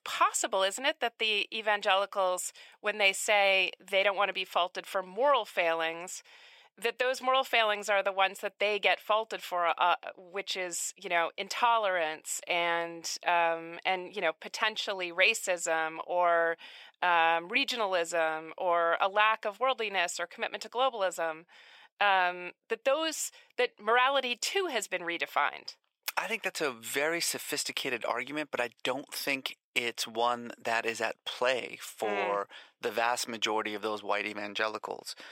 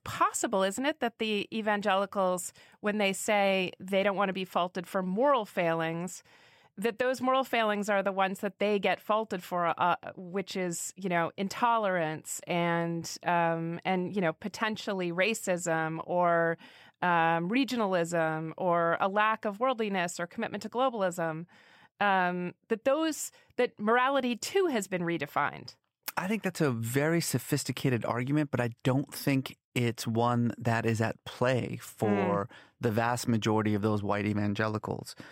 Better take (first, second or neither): second